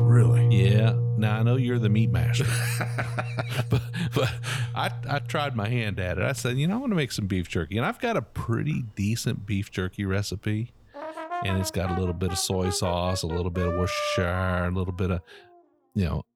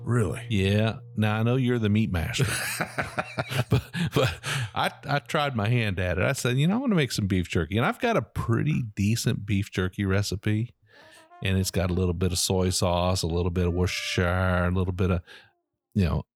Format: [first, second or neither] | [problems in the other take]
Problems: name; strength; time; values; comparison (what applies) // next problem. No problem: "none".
second | background music; loud; throughout; 1 dB below the speech; faint in the second